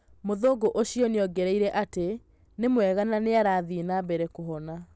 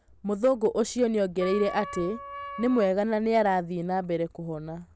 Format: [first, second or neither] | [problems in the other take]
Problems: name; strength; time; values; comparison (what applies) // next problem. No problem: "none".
first | background sound (Wind instrument, woodwind instrument); 12 dB below the speech